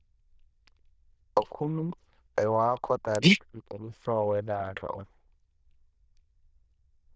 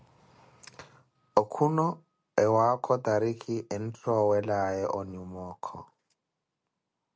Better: second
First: noise reduction (neural diffusion model UNIVERSE++)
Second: none

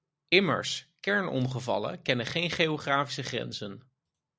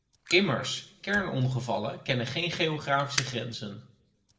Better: first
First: none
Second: background sound (Fire); 13 dB below the speech // room echo; dies away in 0.5 s

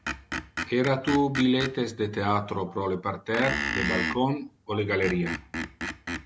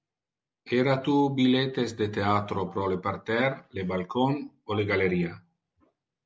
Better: second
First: background sound (Screech); 7 dB below the speech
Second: none

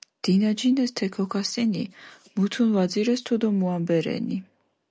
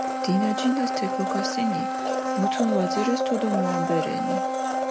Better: first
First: none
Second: background sound (Domestic sounds, home sounds); 1 dB above the speech

